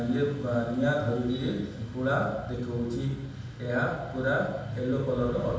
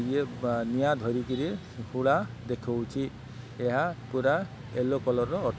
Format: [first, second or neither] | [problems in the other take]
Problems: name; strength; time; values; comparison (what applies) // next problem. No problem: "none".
second | room echo; dies away in 0.7 s